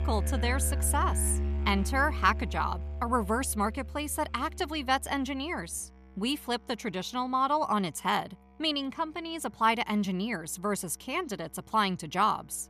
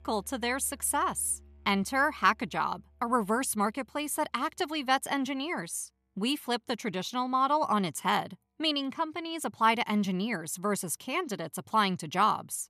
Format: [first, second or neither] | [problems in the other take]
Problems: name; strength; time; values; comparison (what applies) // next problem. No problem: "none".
second | background music; loud; throughout; 5 dB below the speech; faint in the second